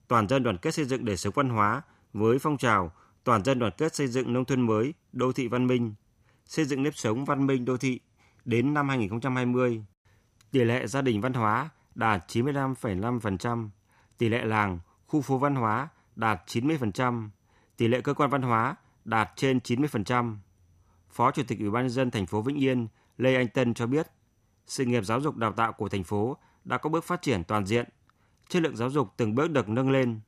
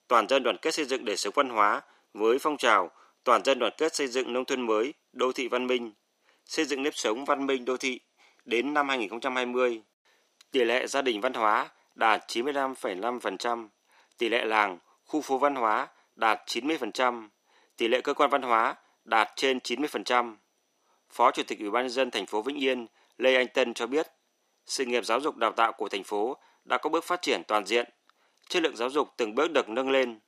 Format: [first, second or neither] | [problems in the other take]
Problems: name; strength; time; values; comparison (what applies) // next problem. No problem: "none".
first | thin; somewhat; fading below 300 Hz